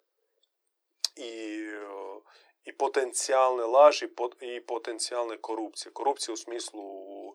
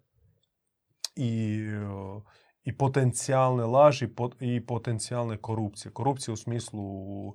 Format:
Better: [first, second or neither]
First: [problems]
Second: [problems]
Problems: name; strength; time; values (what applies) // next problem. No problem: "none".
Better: second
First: thin; very; fading below 300 Hz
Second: none